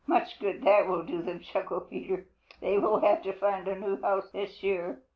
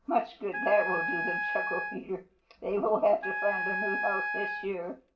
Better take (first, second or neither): first